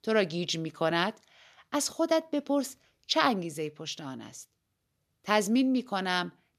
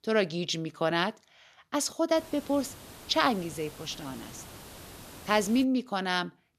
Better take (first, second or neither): first